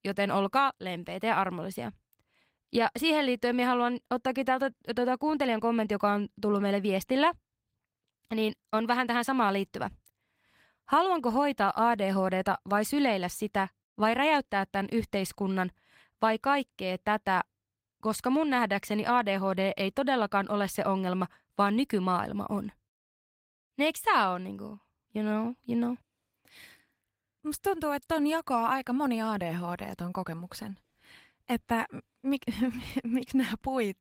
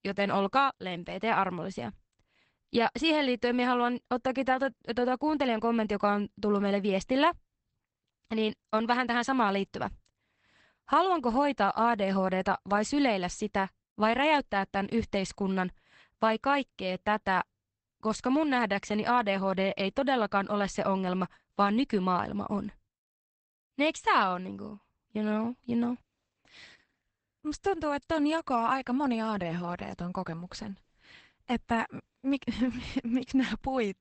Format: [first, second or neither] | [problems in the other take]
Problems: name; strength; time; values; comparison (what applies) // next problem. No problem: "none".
first | garbled, watery; badly; nothing above 8 kHz; slightly in the first